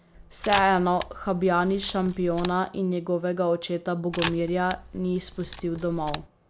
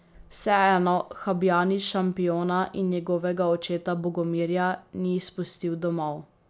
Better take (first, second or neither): second